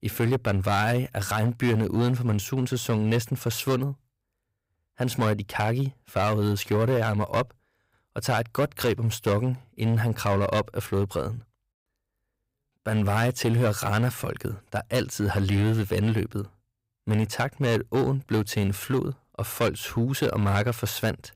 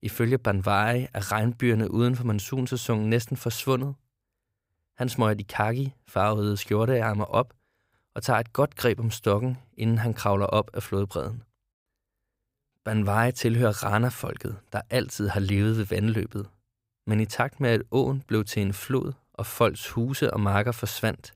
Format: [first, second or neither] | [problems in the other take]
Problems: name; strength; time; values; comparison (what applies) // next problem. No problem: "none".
second | distortion; slight; 8% of the sound clipped